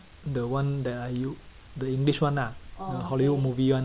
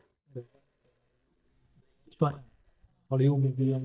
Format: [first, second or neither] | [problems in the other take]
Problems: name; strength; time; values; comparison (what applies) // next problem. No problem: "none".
first | noise reduction (neural mask model DeepFilterNet 3)